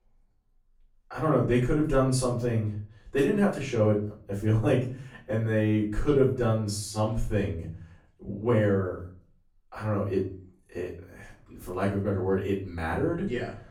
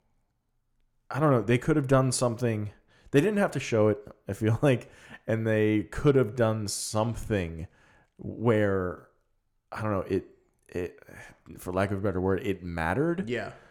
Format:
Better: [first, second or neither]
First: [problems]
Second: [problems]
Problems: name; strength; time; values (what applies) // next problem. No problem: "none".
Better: second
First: off-mic speech; far // room echo; slight; dies away in 0.4 s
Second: none